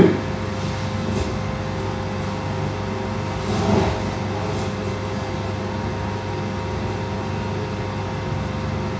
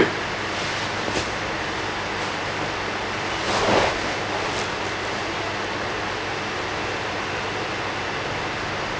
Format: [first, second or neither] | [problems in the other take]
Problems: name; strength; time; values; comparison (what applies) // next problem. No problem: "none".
second | background sound (Wind instrument, woodwind instrument); 11 dB below the speech // room echo; dies away in 0.6 s